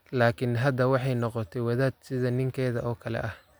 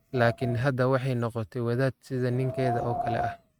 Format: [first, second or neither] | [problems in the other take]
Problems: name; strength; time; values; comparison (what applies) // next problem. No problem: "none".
first | noise reduction (neural mask model RNNoise)